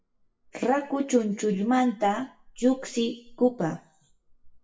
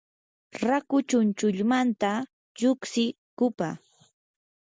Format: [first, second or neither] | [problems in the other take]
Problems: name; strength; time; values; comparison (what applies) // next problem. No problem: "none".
second | noise reduction (classical method WPE with log-MMSE)